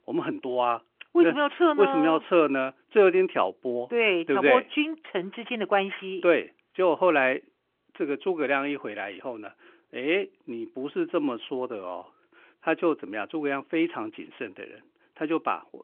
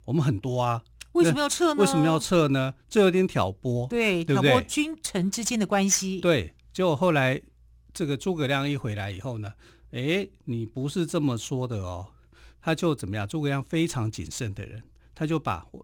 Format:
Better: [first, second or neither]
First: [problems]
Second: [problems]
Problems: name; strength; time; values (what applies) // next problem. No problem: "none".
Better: second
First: phone-call audio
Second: none